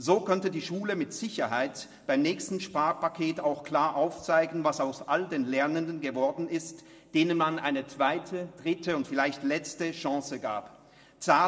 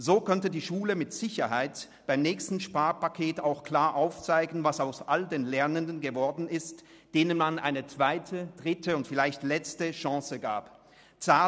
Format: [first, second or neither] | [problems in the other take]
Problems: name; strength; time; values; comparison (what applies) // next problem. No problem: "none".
second | room echo; dies away in 2.1 s